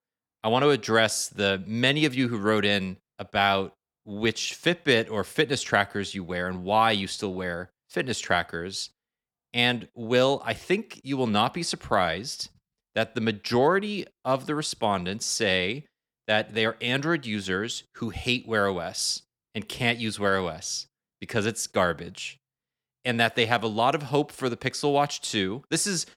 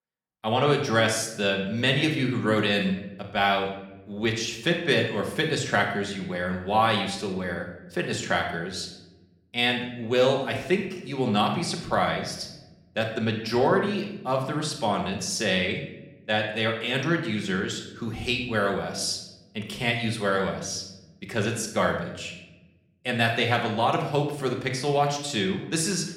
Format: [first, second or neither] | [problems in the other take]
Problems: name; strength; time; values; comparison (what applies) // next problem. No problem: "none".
first | room echo; slight; dies away in 0.7 s // off-mic speech; somewhat distant